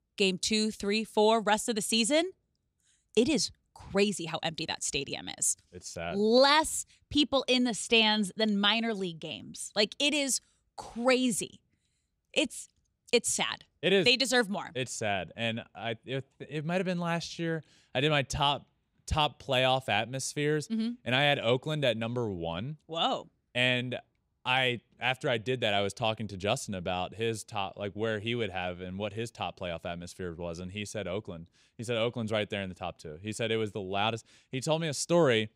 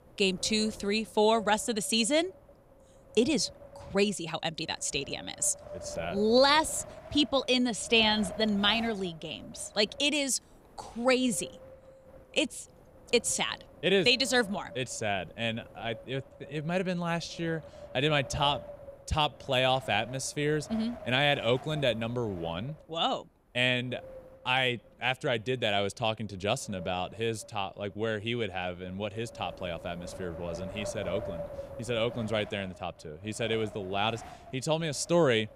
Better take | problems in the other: first | wind noise on the microphone; occasional gusts; 15 dB below the speech

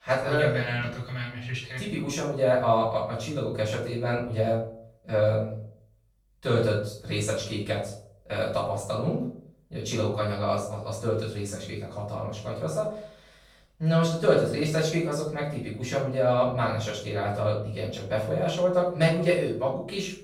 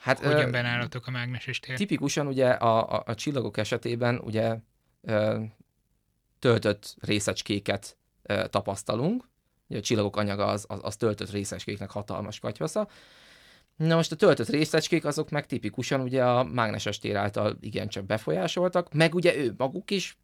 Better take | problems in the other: second | off-mic speech; far // room echo; noticeable; dies away in 0.5 s

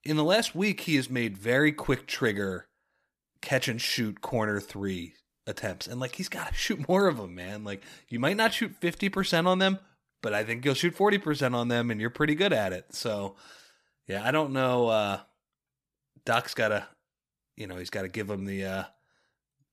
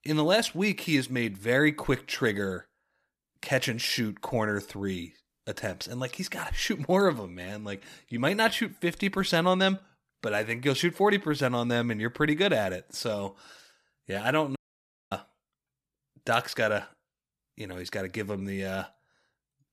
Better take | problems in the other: first | audio cutting out; at 15 s for 0.5 s

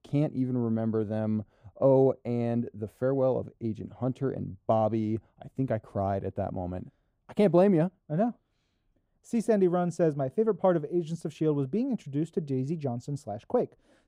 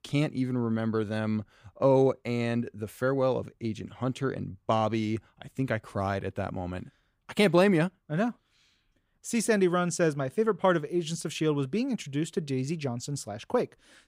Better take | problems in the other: second | muffled; slightly; fading above 1 kHz

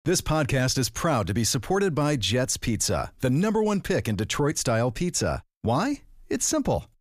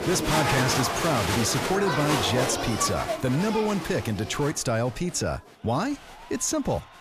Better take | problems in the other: first | crowd noise; loud; throughout; 1 dB below the speech

